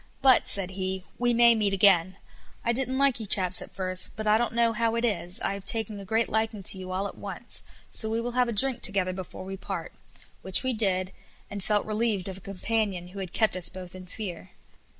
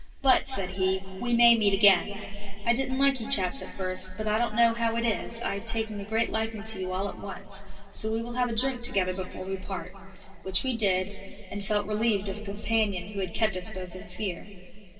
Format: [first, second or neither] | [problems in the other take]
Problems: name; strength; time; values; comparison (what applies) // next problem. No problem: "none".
first | room echo; dies away in 3 s